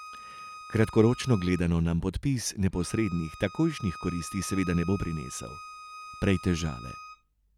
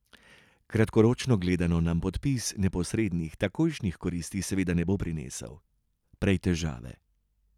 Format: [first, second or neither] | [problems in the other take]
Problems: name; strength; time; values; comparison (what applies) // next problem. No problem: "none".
second | background sound (Bowed string instrument); 16 dB below the speech